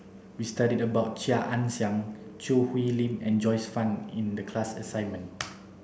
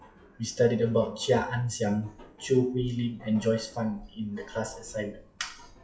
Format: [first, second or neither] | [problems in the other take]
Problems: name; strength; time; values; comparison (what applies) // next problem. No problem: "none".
first | noise reduction (classical method WPE with log-MMSE)